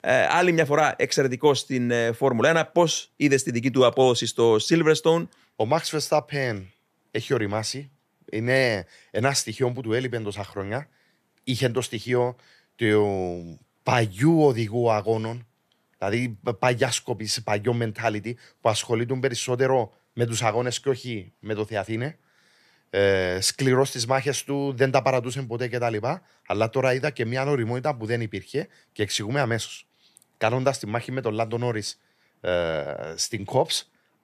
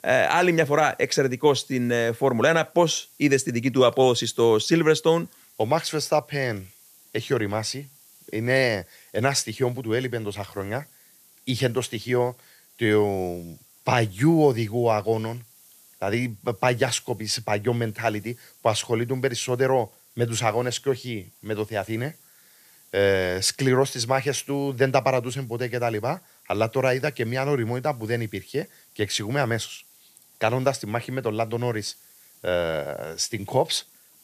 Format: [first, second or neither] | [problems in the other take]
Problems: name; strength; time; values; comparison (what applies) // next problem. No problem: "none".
first | hiss; faint; throughout; 25 dB below the speech